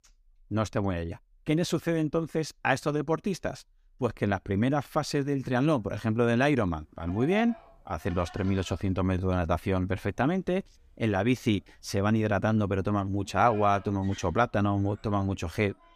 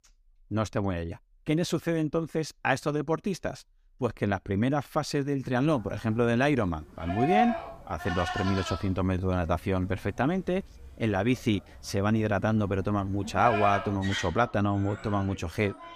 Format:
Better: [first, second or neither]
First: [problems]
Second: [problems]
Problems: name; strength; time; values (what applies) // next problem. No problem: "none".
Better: first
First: animal sounds; faint; from 5.5 s on; 20 dB below the speech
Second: animal sounds; loud; from 5.5 s on; 5 dB below the speech